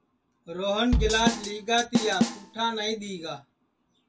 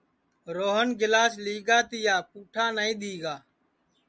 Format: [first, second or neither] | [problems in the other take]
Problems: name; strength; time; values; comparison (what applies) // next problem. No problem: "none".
second | background sound (Drum / Drum kit); 1 dB above the speech // room echo; dies away in 0.2 s